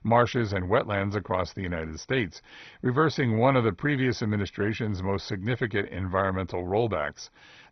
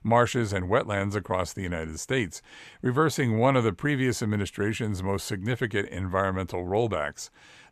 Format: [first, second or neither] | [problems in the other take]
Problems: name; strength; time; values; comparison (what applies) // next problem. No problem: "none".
second | garbled, watery; badly; nothing above 6 kHz